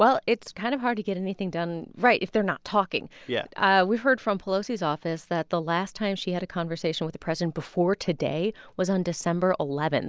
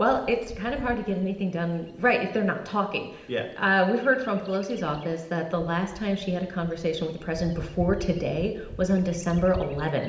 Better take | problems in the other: first | background sound (Bird vocalization, bird call, bird song); 15 dB below the speech // room echo; dies away in 0.8 s

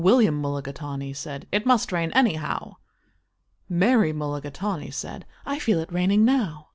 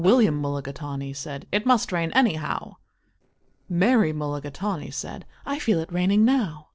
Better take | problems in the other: first | noise reduction (neural separator model SepFormer DNS4)

